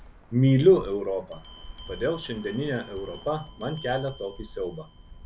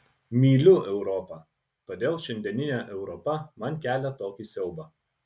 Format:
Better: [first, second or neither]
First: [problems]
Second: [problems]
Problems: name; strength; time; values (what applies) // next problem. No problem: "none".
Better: second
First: background sound (Bell + Bird); 17 dB below the speech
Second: none